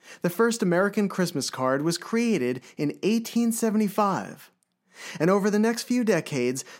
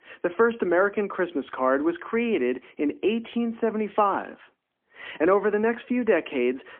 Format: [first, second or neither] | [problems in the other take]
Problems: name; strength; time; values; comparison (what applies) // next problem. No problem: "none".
first | phone-call audio; poor line